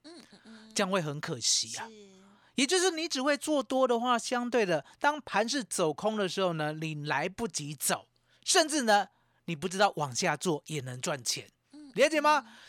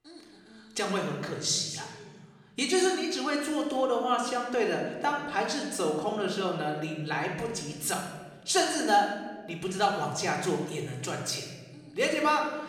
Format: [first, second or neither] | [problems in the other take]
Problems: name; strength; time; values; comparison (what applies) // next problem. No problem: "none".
first | room echo; noticeable; dies away in 1.2 s // off-mic speech; somewhat distant